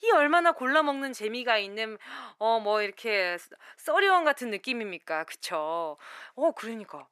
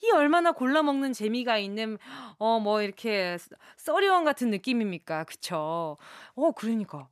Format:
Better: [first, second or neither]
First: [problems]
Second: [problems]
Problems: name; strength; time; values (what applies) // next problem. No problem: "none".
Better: second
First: thin; somewhat; fading below 450 Hz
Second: none